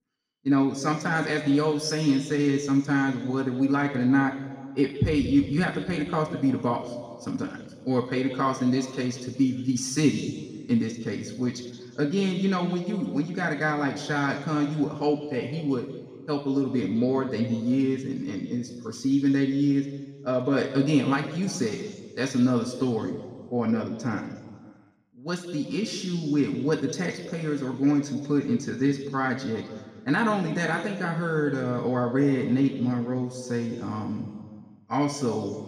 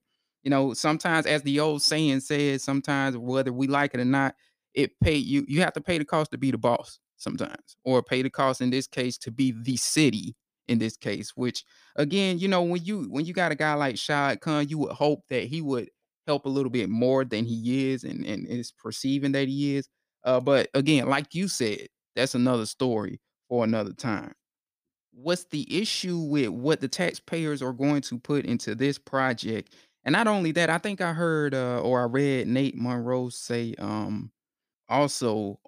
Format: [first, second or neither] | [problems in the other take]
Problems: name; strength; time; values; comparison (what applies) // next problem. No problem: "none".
second | room echo; noticeable; dies away in 1.6 s // off-mic speech; somewhat distant